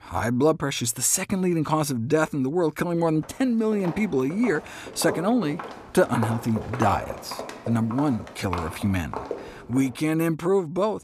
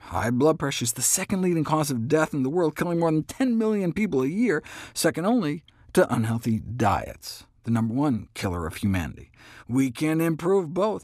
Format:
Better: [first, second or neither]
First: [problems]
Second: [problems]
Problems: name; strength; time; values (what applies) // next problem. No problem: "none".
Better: second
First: footsteps; noticeable; from 3.5 to 10 s; peak 6 dB below the speech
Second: none